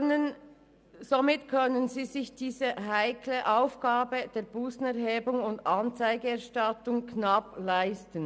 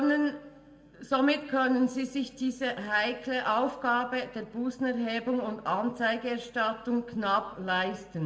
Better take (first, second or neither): first